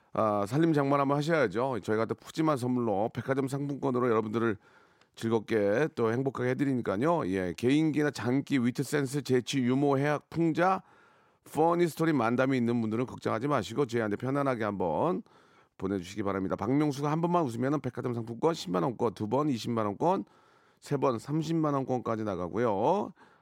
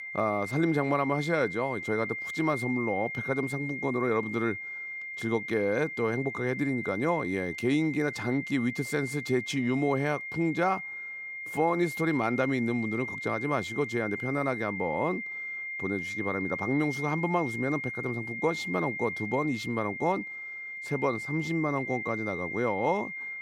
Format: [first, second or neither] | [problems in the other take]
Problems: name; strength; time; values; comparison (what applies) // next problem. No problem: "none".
first | high-pitched whine; loud; throughout; 2 kHz, 5 dB below the speech